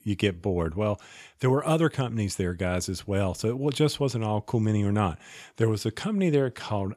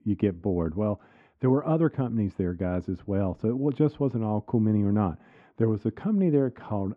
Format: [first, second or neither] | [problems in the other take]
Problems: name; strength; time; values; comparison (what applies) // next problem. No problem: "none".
first | muffled; very; fading above 1 kHz